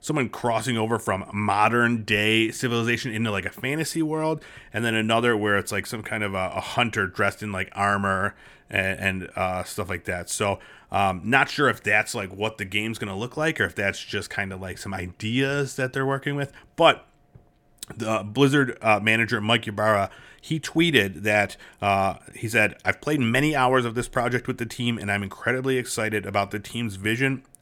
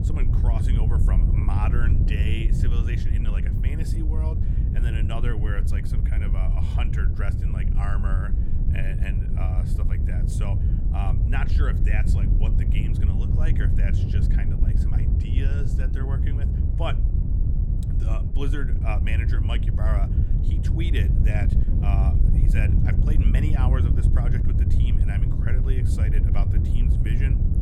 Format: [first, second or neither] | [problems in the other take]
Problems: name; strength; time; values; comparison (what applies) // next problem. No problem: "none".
first | wind noise on the microphone; heavy; 1 dB below the speech